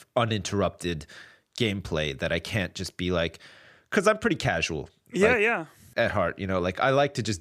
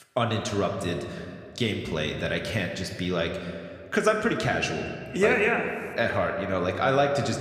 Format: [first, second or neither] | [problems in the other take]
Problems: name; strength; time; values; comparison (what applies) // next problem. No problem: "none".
first | room echo; slight; dies away in 1.7 s